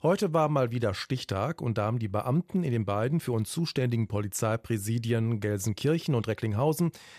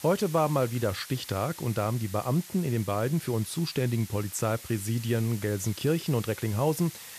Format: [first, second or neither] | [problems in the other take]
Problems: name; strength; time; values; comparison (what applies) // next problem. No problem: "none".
first | hiss; noticeable; throughout; 15 dB below the speech